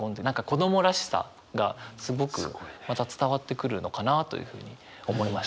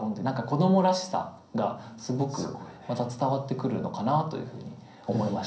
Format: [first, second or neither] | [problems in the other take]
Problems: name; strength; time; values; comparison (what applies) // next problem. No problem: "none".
first | room echo; dies away in 0.6 s